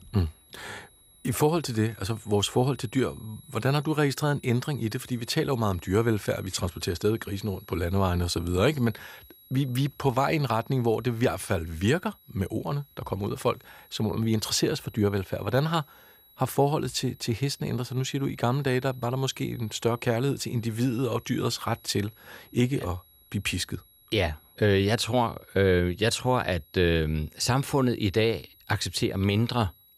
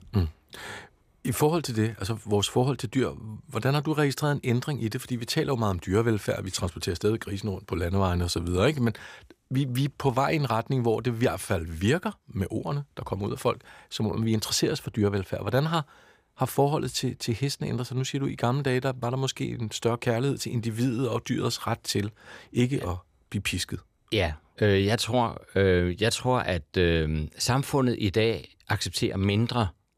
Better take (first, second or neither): second